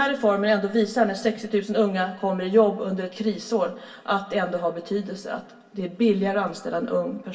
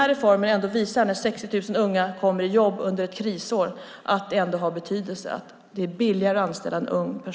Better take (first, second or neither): second